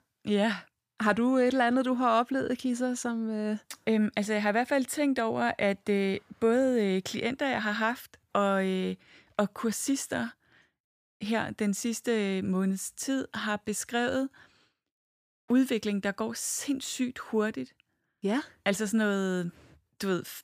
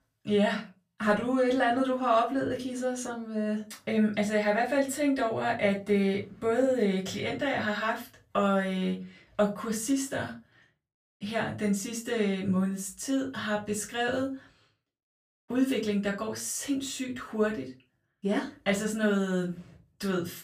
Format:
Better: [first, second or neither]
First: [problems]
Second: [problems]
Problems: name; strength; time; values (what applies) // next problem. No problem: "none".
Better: first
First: none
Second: off-mic speech; far // room echo; very slight; dies away in 0.2 s